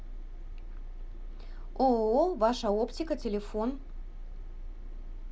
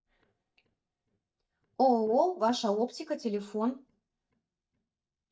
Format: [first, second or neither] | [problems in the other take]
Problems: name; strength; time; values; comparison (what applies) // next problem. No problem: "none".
first | noise reduction (neural mask model DeepFilterNet 3)